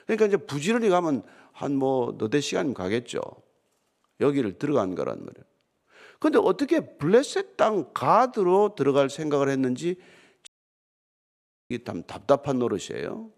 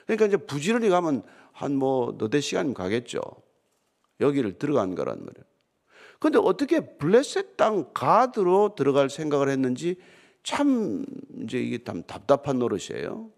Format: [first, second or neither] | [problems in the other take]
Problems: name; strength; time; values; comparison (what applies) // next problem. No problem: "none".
second | audio cutting out; at 10 s for 1 s